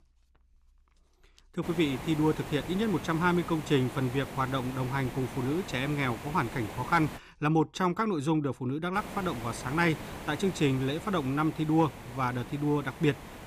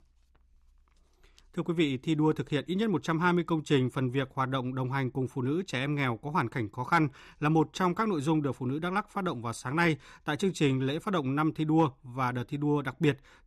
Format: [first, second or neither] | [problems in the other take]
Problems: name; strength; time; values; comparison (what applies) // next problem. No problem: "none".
second | hiss; noticeable; from 1.5 to 7 s and from 9 s on; 10 dB below the speech